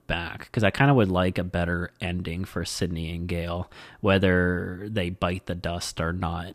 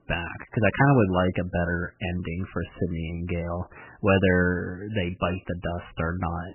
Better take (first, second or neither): first